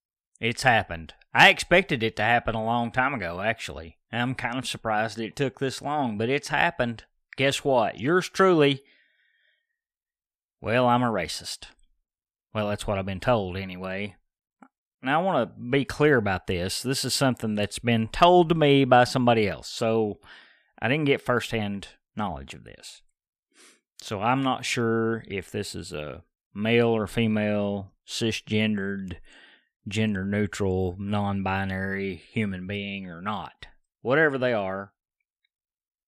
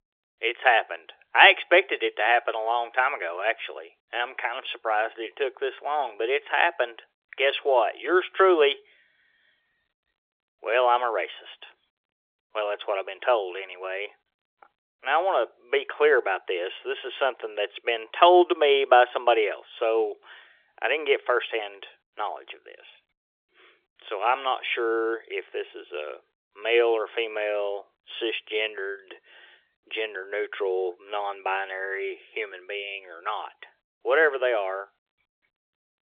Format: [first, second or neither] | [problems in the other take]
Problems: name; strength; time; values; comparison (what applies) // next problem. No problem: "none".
first | phone-call audio; nothing above 3.5 kHz